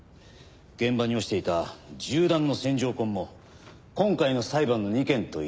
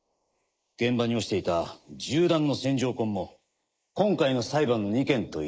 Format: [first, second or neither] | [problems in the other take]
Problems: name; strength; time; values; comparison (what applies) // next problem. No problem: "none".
first | noise reduction (neural mask model Resemble Enhance denoiser)